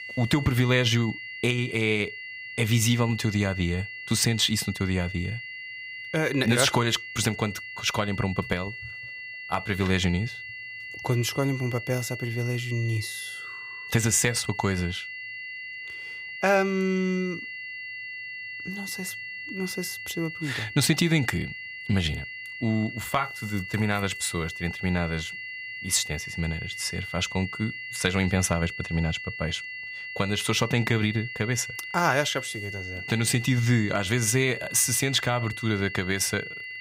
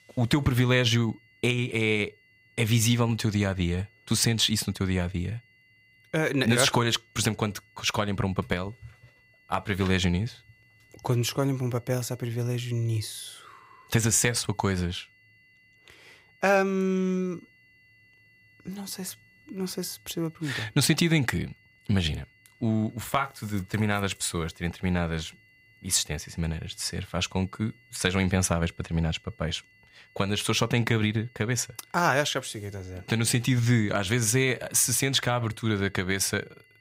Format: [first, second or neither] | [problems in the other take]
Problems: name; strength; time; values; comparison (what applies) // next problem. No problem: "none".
second | high-pitched whine; loud; throughout; 2 kHz, 9 dB below the speech; faint in the second